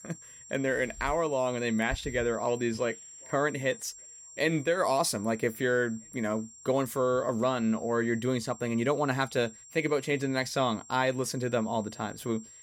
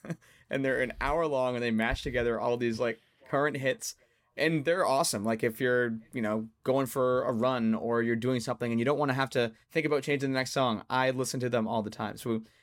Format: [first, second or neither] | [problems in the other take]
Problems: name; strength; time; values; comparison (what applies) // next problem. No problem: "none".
second | high-pitched whine; noticeable; throughout; 7.5 kHz, 20 dB below the speech